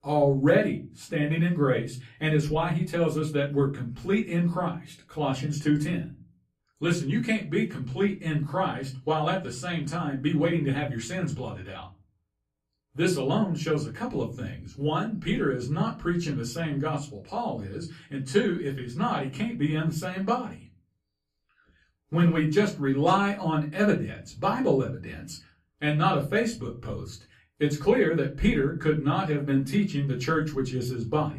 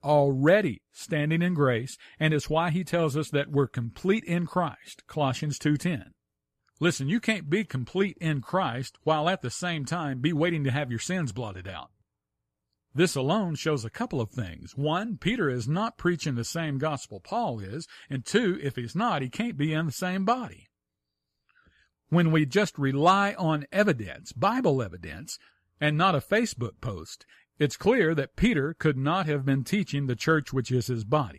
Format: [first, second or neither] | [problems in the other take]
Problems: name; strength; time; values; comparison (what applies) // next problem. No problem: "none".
second | off-mic speech; far // room echo; very slight; dies away in 0.3 s